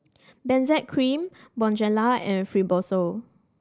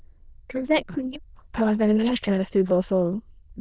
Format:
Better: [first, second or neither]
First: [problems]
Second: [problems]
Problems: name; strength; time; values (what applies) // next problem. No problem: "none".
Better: first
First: none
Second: noise reduction (neural diffusion model UNIVERSE++)